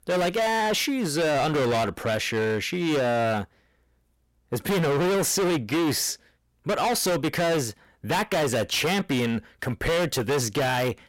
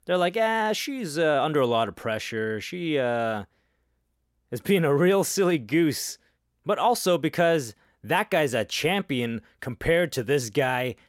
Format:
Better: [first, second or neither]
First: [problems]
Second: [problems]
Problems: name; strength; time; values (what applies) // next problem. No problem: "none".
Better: second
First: distortion; heavy; 28% of the sound clipped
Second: none